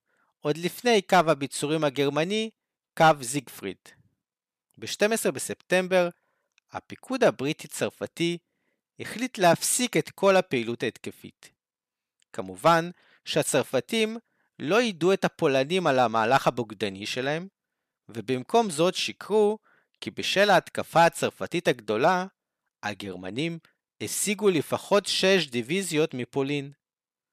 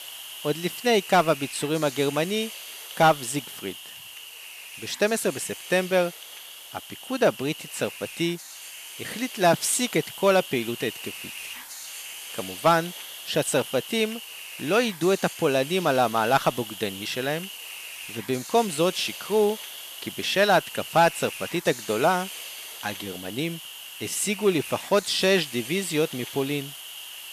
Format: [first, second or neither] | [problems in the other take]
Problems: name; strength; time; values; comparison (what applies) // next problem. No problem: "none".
first | hiss; noticeable; throughout; 10 dB below the speech